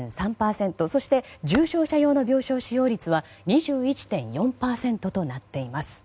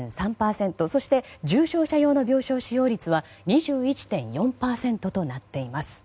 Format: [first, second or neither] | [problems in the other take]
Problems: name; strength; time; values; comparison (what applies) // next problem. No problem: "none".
second | background sound (Computer keyboard); 17 dB below the speech